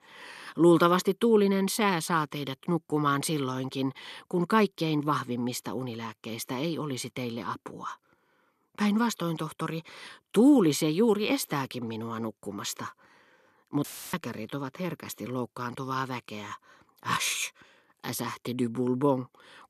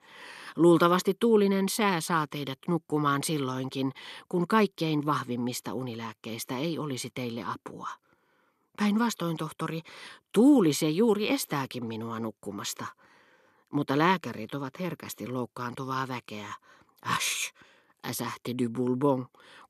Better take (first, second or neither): second